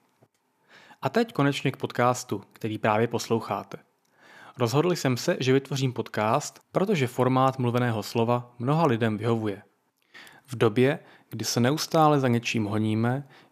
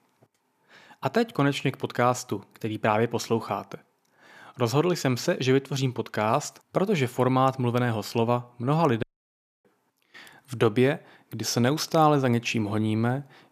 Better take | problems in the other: first | audio cutting out; at 9 s for 0.5 s

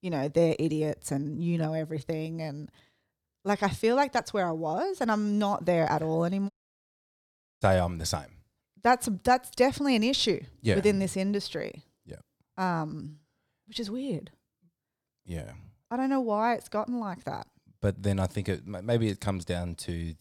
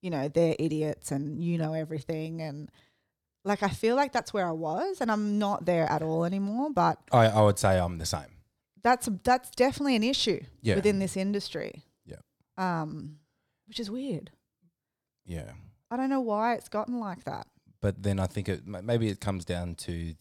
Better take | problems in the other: second | audio cutting out; at 6.5 s for 1 s

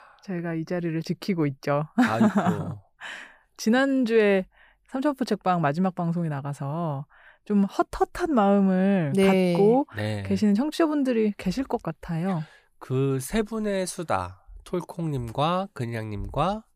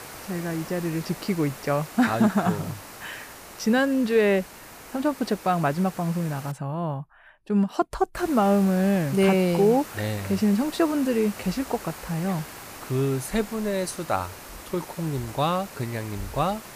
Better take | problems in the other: first | hiss; noticeable; until 6.5 s and from 8 s on; 15 dB below the speech

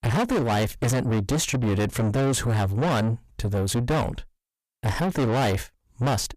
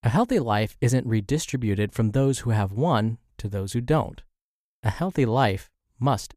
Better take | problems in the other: second | distortion; heavy; 5 dB below the speech

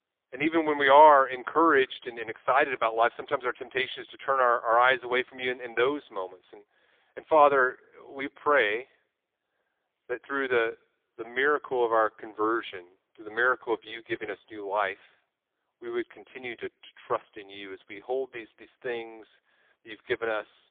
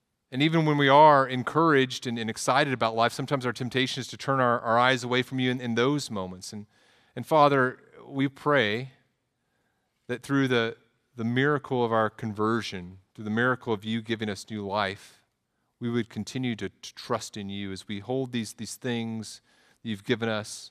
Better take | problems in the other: second | phone-call audio; poor line; nothing above 3.5 kHz

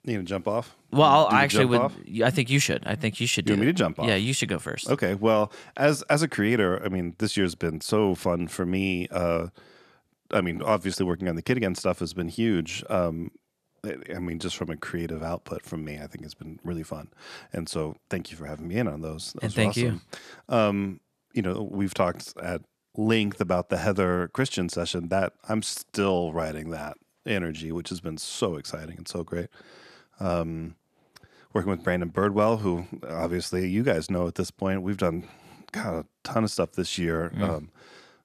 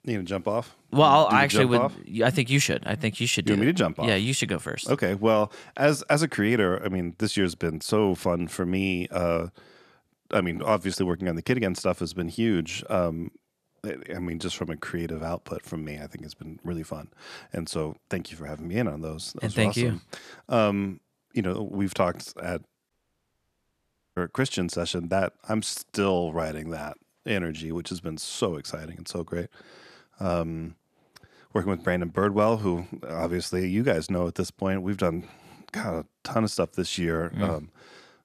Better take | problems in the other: first | audio cutting out; at 23 s for 1.5 s

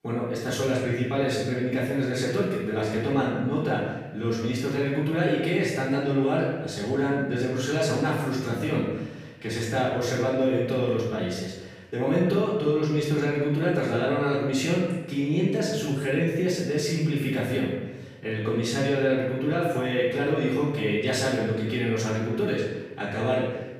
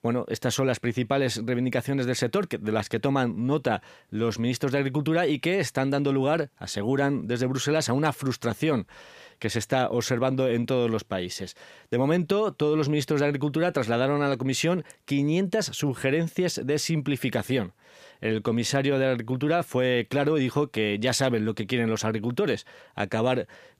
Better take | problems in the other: second | off-mic speech; far // room echo; noticeable; dies away in 1 s

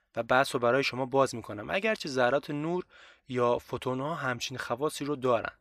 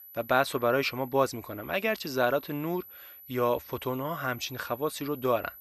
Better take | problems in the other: first | high-pitched whine; noticeable; throughout; 12 kHz, 15 dB below the speech

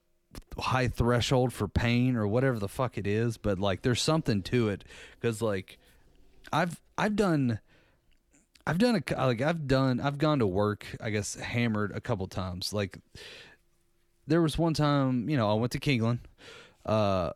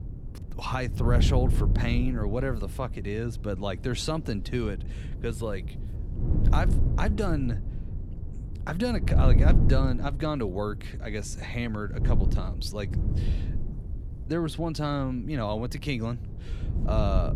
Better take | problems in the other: first | wind noise on the microphone; occasional gusts; 10 dB below the speech

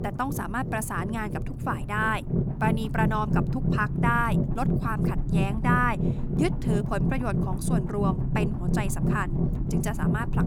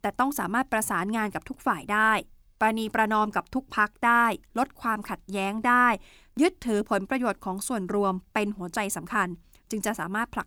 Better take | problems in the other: second | low rumble; loud; throughout; 7 dB below the speech

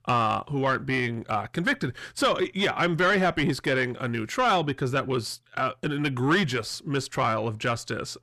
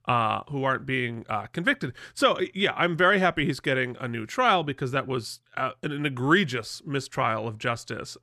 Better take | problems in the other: second | distortion; slight; 10 dB below the speech

